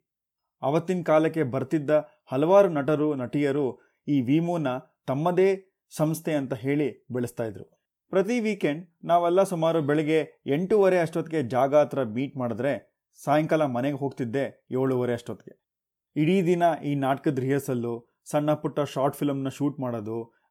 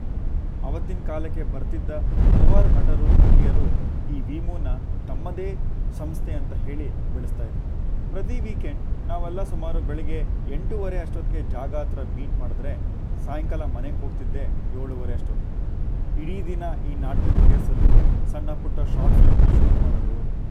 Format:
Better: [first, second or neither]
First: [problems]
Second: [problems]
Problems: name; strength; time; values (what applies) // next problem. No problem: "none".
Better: first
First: none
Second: wind noise on the microphone; heavy; 1 dB below the speech